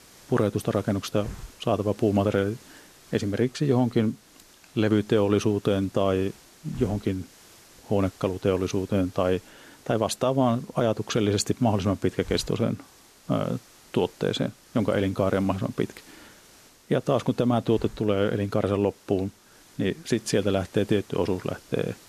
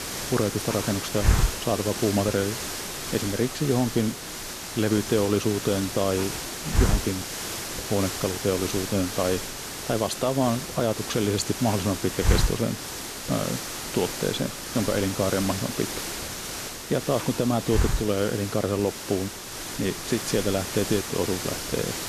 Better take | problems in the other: first | hiss; loud; throughout; 3 dB below the speech; faint in the first

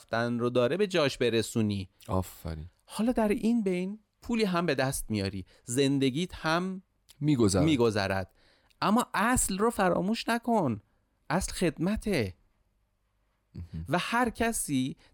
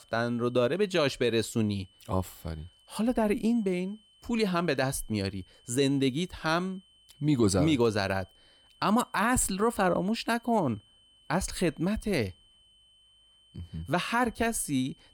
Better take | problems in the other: first | high-pitched whine; faint; throughout; 3 kHz, 30 dB below the speech

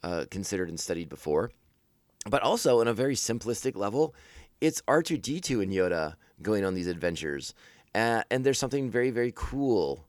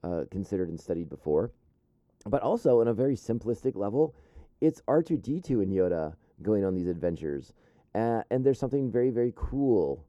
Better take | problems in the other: first | muffled; very; fading above 1 kHz

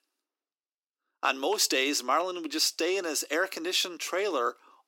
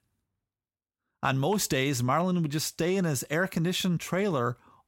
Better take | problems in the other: second | thin; somewhat; fading below 300 Hz

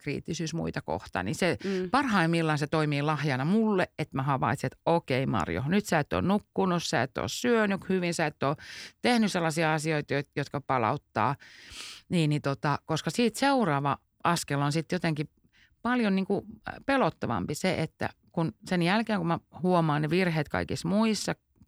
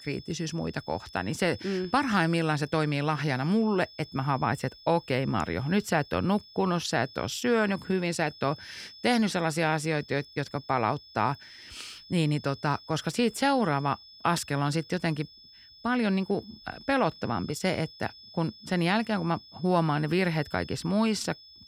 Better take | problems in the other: first | high-pitched whine; noticeable; throughout; 5 kHz, 20 dB below the speech

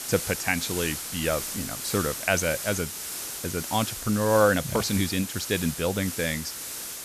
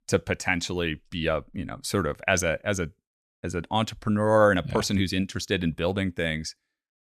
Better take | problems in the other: second | hiss; loud; throughout; 5 dB below the speech

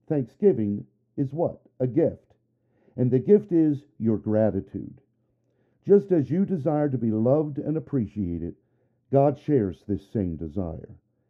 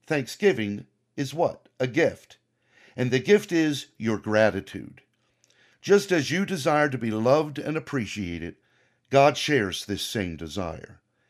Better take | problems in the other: second | muffled; very; fading above 1 kHz

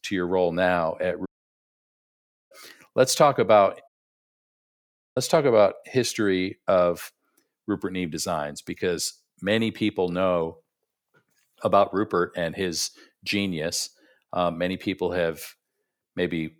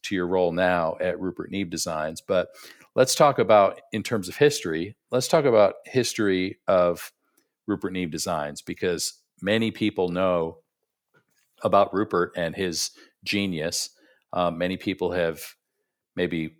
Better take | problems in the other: second | audio cutting out; at 1.5 s for 1 s and at 4 s for 1.5 s

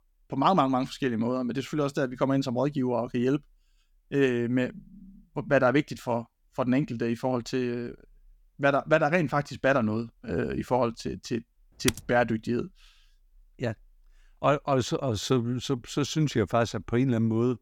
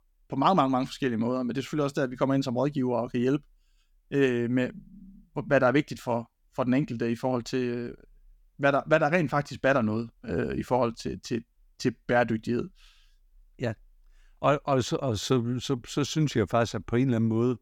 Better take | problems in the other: second | keyboard typing; very faint; at 12 s; peak 4 dB below the speech

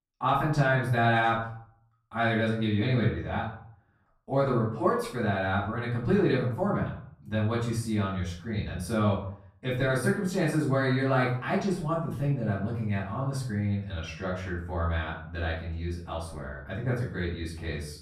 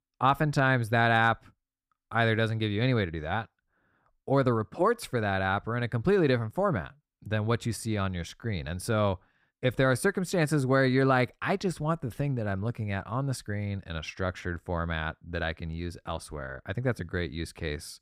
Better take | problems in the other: second | off-mic speech; far // room echo; noticeable; dies away in 0.5 s

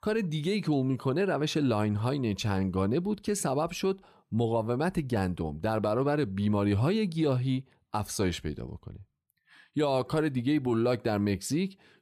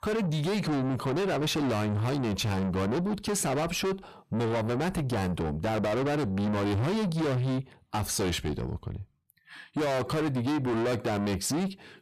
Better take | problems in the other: first | distortion; heavy; 6 dB below the speech

